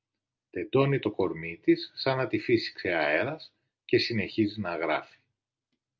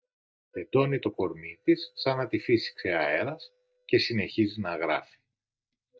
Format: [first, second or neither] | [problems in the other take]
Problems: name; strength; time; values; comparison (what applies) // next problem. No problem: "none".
first | noise reduction (neural mask model DeepFilterNet 3)